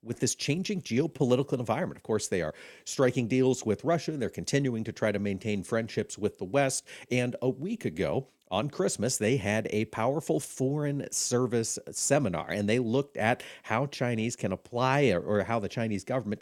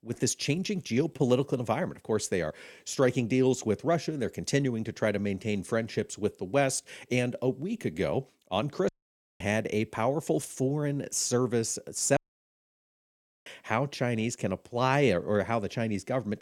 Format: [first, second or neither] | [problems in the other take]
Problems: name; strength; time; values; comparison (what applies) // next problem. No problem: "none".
first | audio cutting out; at 9 s for 0.5 s and at 12 s for 1.5 s